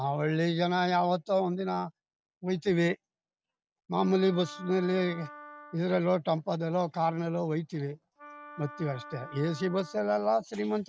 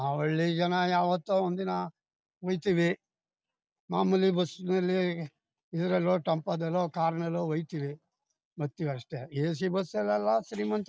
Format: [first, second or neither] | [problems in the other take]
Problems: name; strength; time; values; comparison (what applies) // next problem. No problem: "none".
second | background sound (Wind instrument, woodwind instrument); 17 dB below the speech